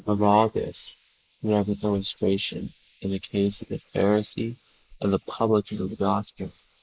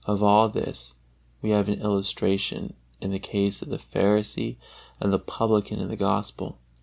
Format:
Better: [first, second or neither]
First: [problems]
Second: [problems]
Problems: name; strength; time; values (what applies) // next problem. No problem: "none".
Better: second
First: noise reduction (neural mask model Resemble Enhance denoiser)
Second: none